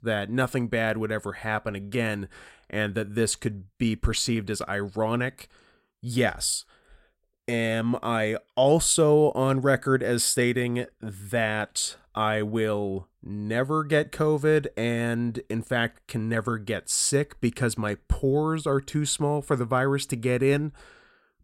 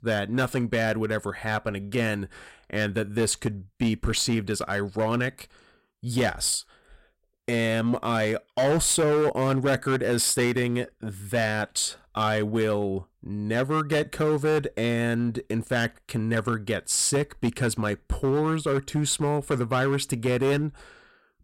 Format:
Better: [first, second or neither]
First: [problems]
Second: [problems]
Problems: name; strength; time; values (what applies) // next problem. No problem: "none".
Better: first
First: none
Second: distortion; slight; 8% of the sound clipped